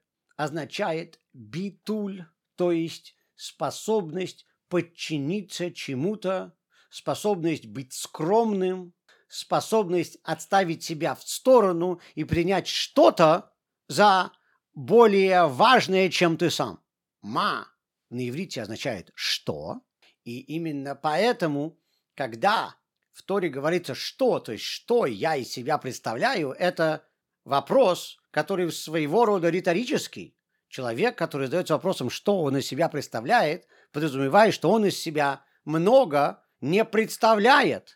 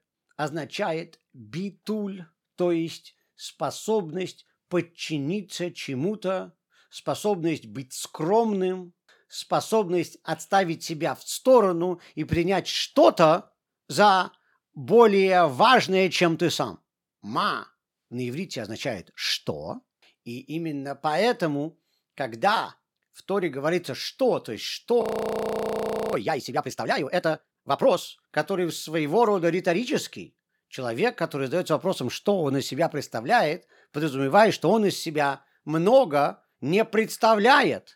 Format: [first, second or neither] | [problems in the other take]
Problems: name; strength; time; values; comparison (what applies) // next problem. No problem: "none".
first | audio freezing; at 25 s for 1 s